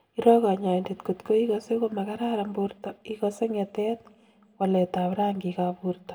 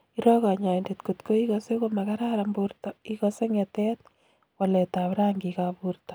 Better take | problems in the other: second | room echo; dies away in 0.3 s

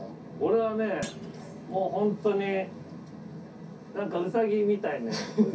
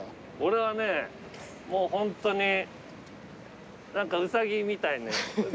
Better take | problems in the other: second | background sound (Thump, thud); 18 dB below the speech // room echo; dies away in 0.3 s

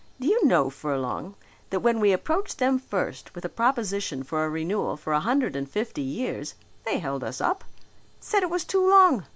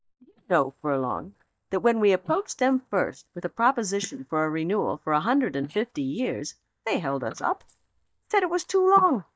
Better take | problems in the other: first | noise reduction (neural mask model DeepFilterNet 3)

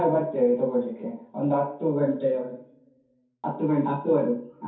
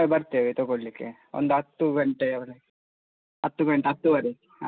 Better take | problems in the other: second | room echo; dies away in 0.6 s

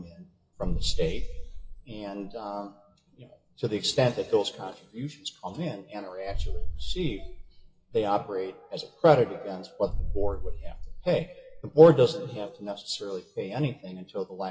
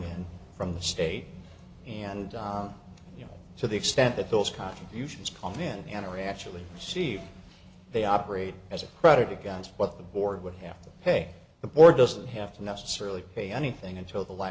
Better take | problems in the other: second | noise reduction (classical method WPE with log-MMSE)

